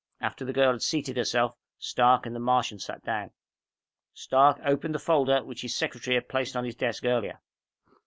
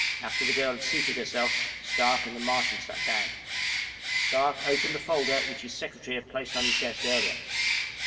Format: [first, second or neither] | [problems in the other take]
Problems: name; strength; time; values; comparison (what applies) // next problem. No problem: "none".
first | background sound (Bird); 2 dB above the speech // room echo; dies away in 2.1 s